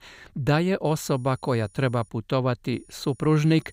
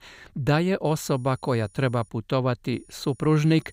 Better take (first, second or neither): neither